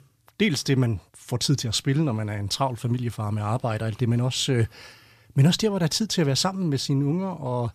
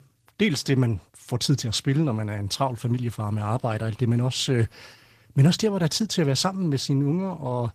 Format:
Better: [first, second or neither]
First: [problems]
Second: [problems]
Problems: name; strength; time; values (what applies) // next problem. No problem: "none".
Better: first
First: none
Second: garbled, watery; slightly; nothing above 14.5 kHz